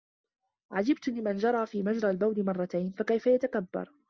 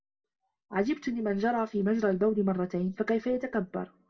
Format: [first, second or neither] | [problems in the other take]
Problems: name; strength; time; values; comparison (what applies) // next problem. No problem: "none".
first | room echo; dies away in 0.2 s